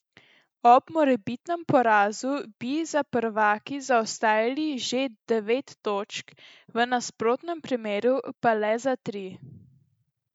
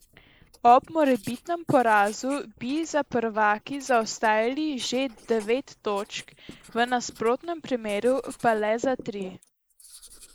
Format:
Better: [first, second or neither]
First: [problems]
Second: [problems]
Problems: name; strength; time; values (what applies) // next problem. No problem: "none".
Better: first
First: none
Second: noise reduction (neural mask model Resemble Enhance denoiser)